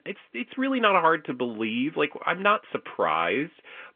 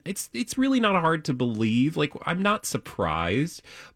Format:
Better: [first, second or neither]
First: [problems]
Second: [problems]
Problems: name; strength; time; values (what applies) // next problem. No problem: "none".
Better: second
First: phone-call audio; nothing above 3.5 kHz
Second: none